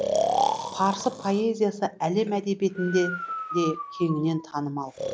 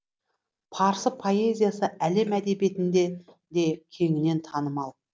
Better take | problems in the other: second | background sound (Breathing); 4 dB below the speech

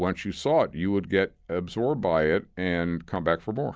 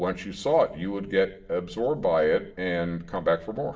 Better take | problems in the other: first | room echo; dies away in 0.7 s

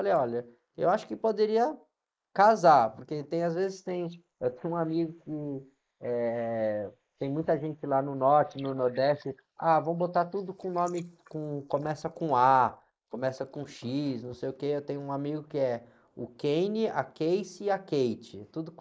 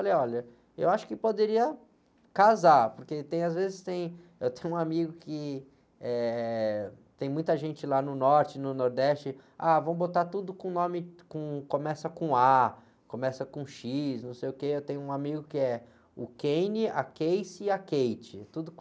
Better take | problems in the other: second | noise reduction (neural mask model Resemble Enhance denoiser)

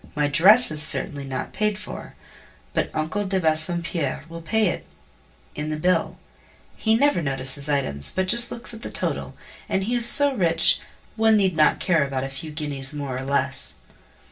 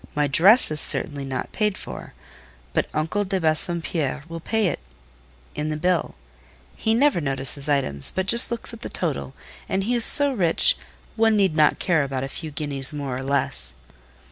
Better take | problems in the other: second | room echo; dies away in 0.2 s

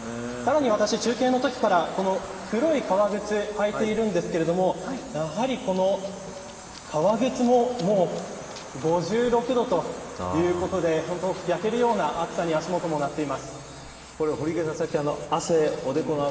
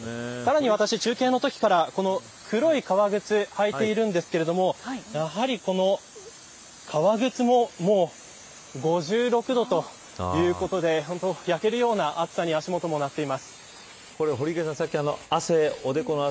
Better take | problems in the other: second | background sound (Run); 18 dB below the speech // room echo; dies away in 2.7 s

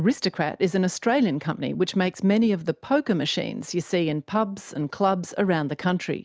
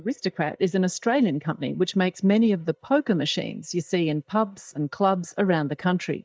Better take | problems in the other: first | noise reduction (neural mask model DeepFilterNet 3)

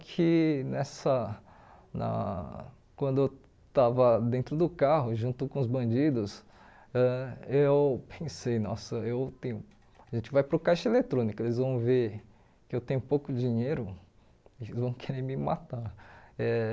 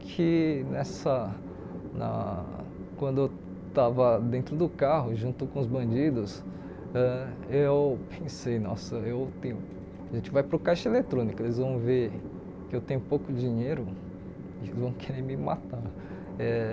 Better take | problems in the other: first | background sound (Train); 11 dB below the speech

